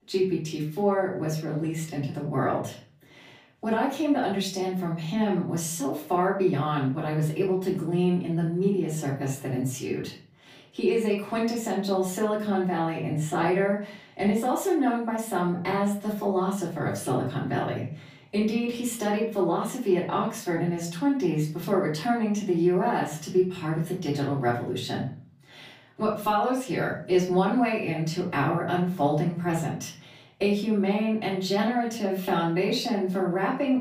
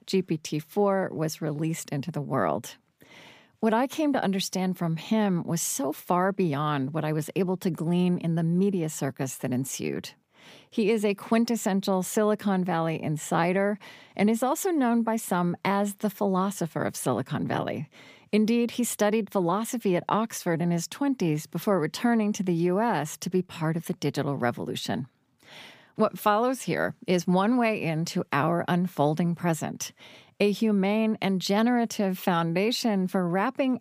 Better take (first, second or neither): second